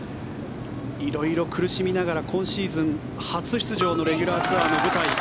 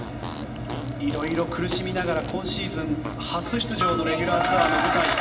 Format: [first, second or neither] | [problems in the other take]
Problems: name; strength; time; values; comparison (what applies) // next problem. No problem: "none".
first | background sound (Fart); 16 dB below the speech // room echo; dies away in 0.8 s